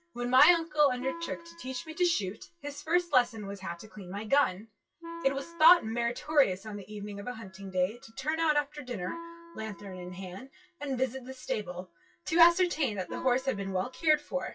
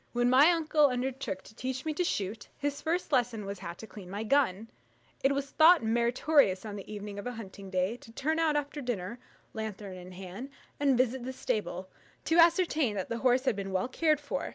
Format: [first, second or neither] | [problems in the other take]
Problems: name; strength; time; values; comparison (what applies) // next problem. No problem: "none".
second | noise reduction (classical method WPE with log-MMSE)